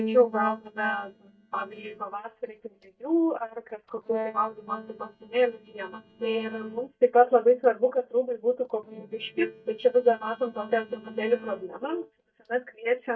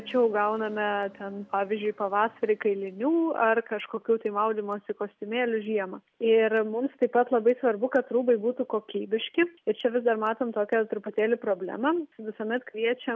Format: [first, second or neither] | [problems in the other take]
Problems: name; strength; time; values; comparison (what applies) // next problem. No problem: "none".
second | noise reduction (neural mask model DeepFilterNet 3)